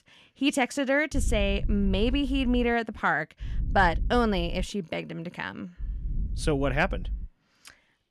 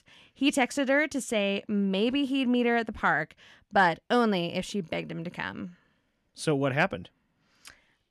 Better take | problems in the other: second | low rumble; faint; from 1 to 2.5 s, from 3.5 to 4.5 s and from 6 to 7.5 s; 25 dB below the speech

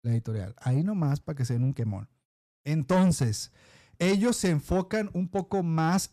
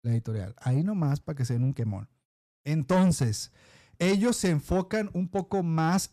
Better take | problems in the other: neither | distortion; slight; 10 dB below the speech; the same in both

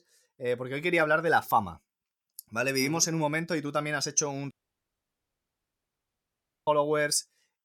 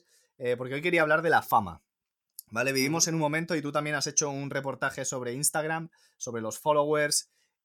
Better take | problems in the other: second | audio cutting out; at 4.5 s for 2 s

